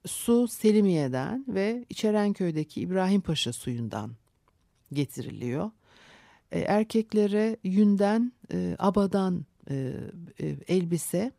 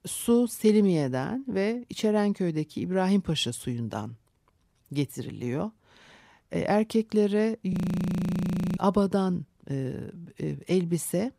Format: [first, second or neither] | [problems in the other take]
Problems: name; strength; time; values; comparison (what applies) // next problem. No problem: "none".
first | audio freezing; at 7.5 s for 1 s